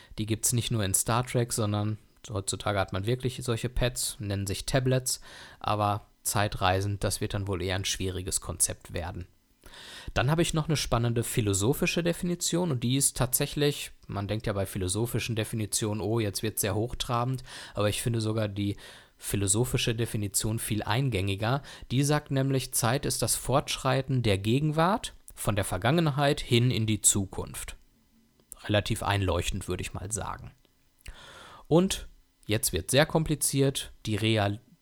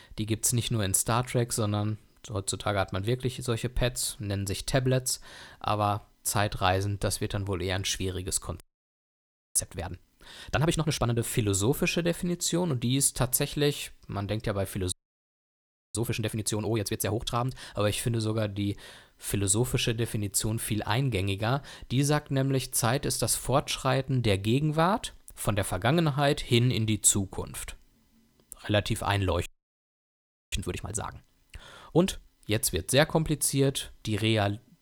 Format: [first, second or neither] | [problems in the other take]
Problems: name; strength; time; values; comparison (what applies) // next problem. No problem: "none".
first | audio freezing; at 8.5 s for 1 s, at 15 s for 1 s and at 29 s for 1 s